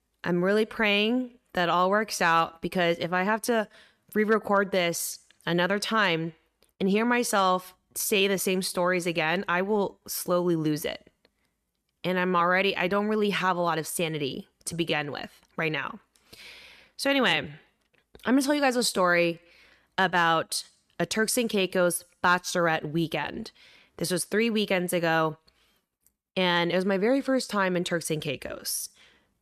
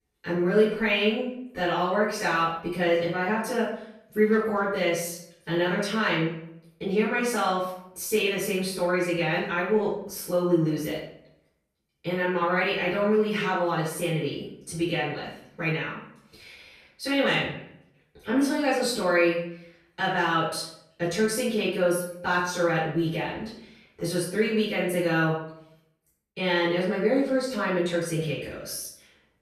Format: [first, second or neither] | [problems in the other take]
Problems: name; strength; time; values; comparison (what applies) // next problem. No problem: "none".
first | off-mic speech; far // room echo; noticeable; dies away in 0.6 s